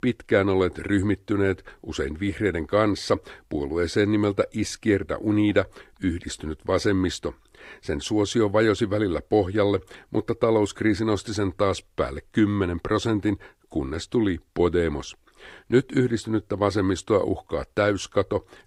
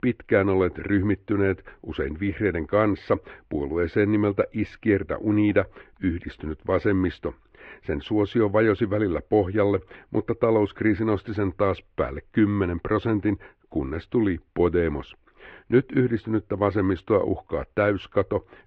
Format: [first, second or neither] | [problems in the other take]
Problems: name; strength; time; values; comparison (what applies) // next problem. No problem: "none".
first | muffled; very; fading above 2.5 kHz